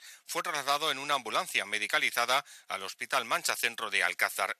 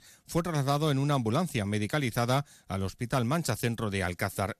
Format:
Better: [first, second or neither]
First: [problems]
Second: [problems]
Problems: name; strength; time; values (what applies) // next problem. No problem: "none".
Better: second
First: thin; very; fading below 800 Hz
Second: none